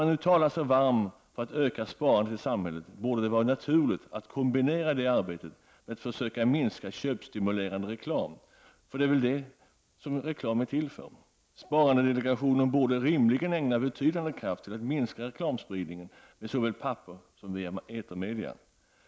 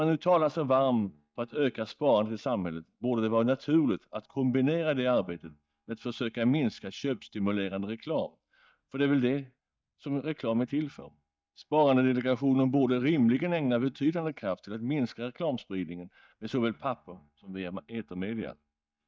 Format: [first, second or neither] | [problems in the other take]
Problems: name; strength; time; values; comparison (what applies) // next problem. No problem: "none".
first | noise reduction (neural mask model DeepFilterNet 3)